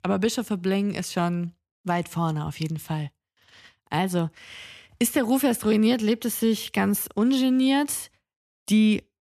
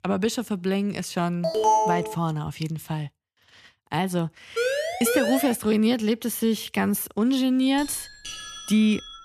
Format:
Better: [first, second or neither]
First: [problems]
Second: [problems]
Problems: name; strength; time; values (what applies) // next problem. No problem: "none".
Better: first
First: none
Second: alarm; loud; at 1.5 s; peak 4 dB above the speech // siren; noticeable; at 4.5 s; peak level with the speech // doorbell; noticeable; from 8 s on; peak 10 dB below the speech